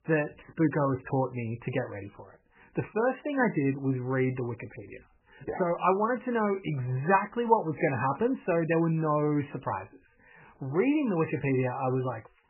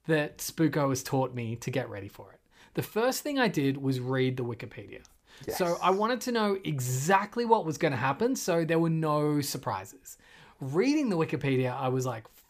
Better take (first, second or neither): second